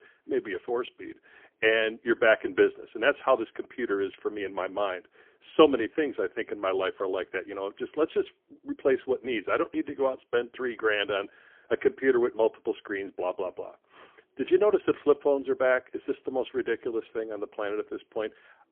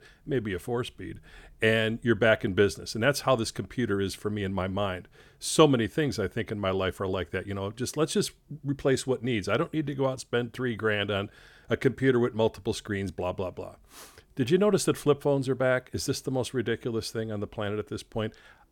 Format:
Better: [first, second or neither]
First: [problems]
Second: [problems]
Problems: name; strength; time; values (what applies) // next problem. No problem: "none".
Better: second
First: phone-call audio; poor line; nothing above 3 kHz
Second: none